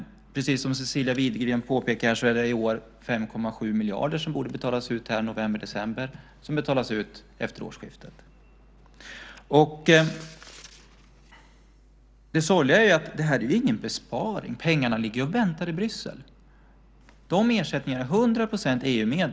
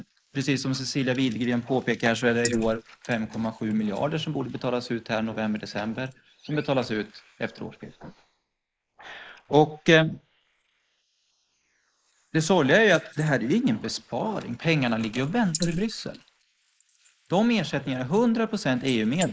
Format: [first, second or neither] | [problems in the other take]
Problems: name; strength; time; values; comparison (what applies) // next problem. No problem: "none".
first | noise reduction (neural mask model Resemble Enhance denoiser)